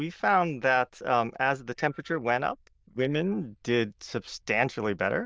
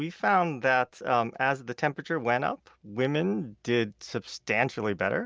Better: second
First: noise reduction (neural diffusion model UNIVERSE++)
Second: none

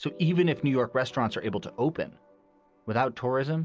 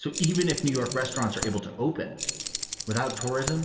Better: first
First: none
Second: background sound (Keys jangling); 6 dB below the speech // room echo; dies away in 1.9 s

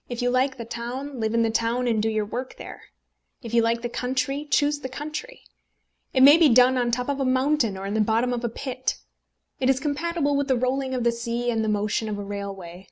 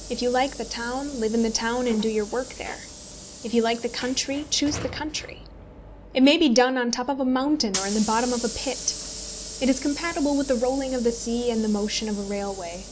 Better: first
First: none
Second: background sound (Sliding door / Hiss); 12 dB below the speech

